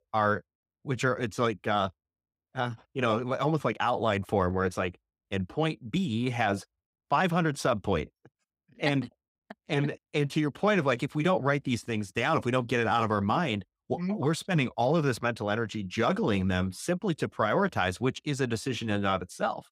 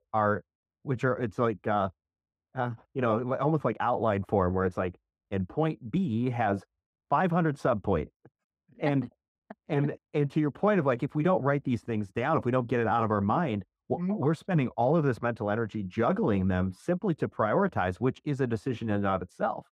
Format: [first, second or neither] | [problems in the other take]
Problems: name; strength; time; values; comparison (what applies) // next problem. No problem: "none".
first | muffled; slightly; fading above 2 kHz